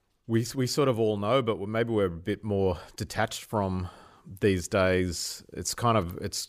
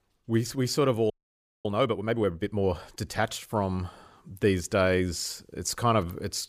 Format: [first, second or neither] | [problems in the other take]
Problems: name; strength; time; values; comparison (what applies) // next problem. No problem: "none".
first | audio freezing; at 1 s for 0.5 s